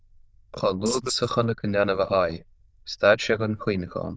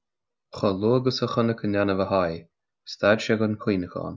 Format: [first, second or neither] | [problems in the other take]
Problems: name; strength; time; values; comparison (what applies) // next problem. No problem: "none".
second | noise reduction (neural diffusion model UNIVERSE++)